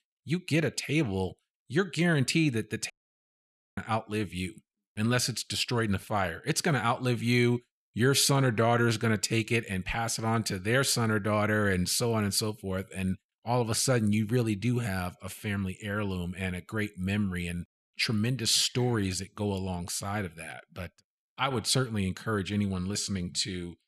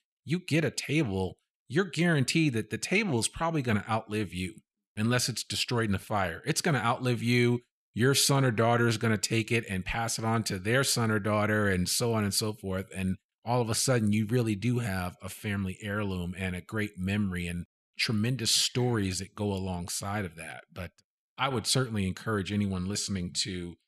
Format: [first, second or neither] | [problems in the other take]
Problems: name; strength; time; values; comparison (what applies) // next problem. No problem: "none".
second | audio cutting out; at 3 s for 1 s